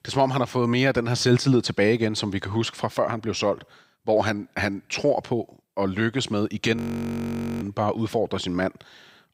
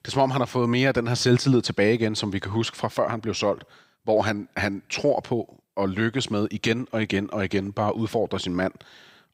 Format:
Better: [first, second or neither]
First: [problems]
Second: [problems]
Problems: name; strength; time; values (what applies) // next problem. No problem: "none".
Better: second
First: audio freezing; at 7 s for 1 s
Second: none